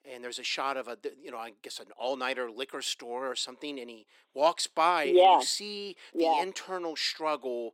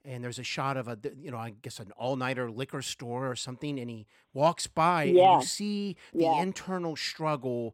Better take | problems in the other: second | thin; somewhat; fading below 300 Hz

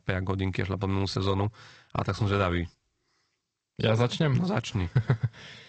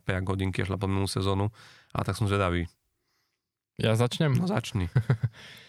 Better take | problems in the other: second | garbled, watery; slightly; nothing above 8 kHz

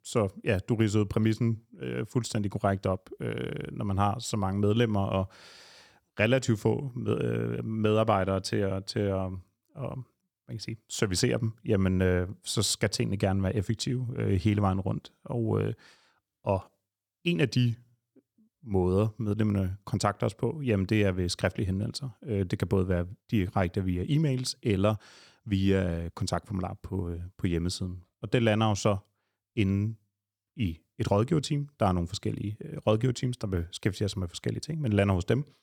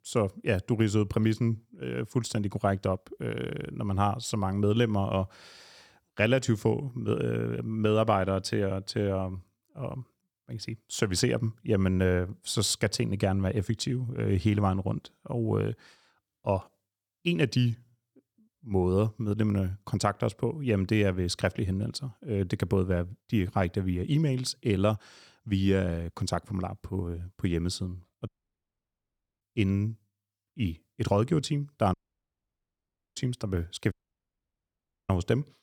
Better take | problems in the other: first | audio cutting out; at 28 s for 1 s, at 32 s for 1 s and at 34 s for 1 s

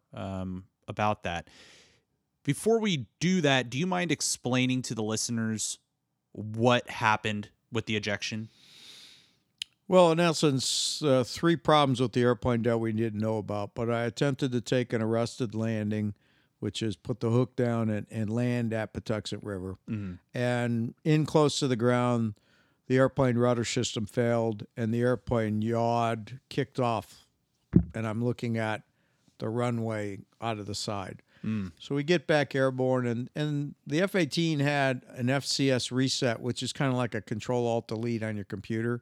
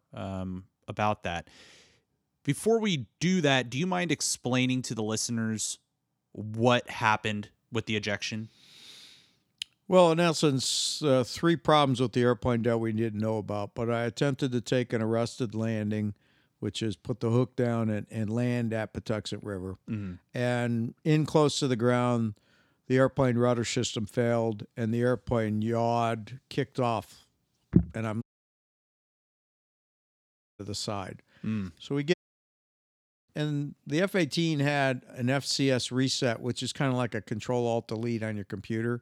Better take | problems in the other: first | audio cutting out; at 28 s for 2.5 s and at 32 s for 1 s

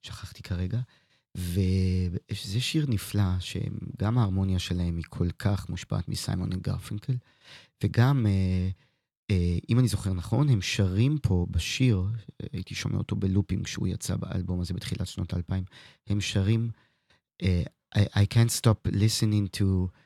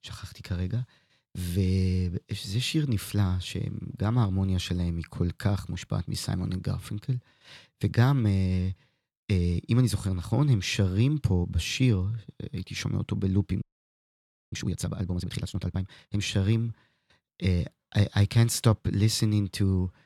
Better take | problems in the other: first | audio freezing; at 14 s for 1 s

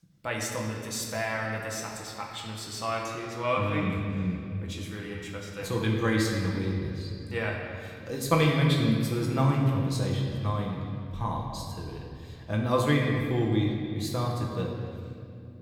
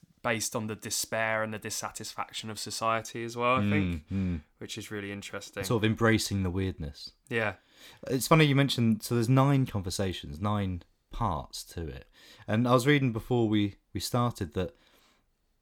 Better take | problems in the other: second | room echo; noticeable; dies away in 2.2 s // off-mic speech; far

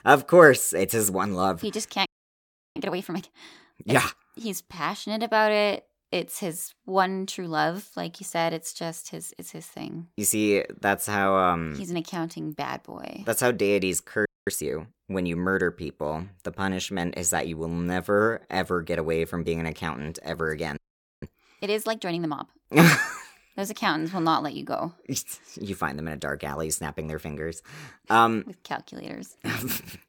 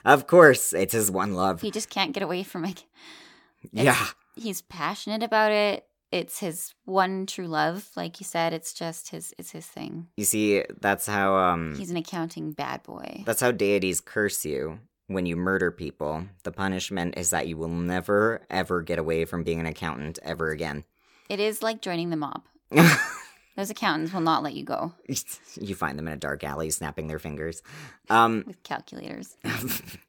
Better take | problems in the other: second | audio freezing; at 2 s for 0.5 s, at 14 s and at 21 s

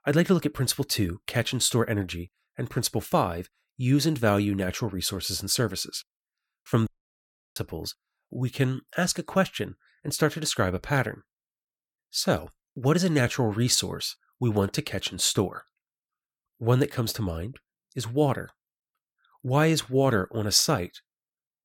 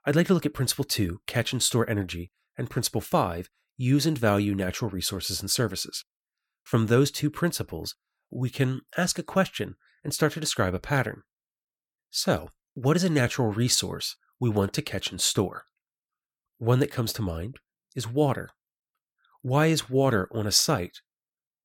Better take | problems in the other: second | audio cutting out; at 7 s for 0.5 s

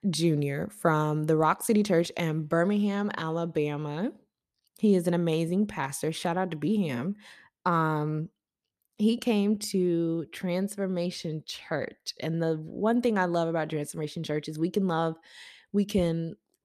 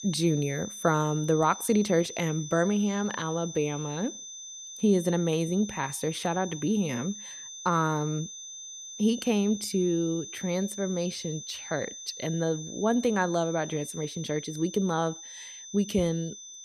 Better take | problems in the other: first | high-pitched whine; noticeable; throughout; 6 kHz, 10 dB below the speech

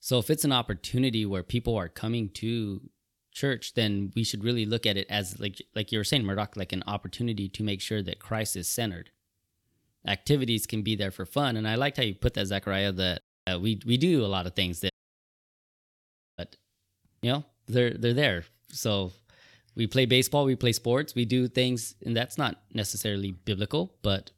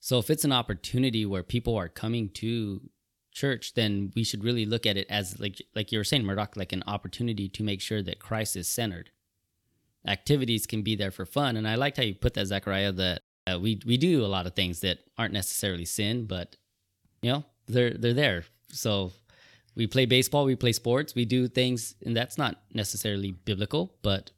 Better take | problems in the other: second | audio cutting out; at 15 s for 1.5 s

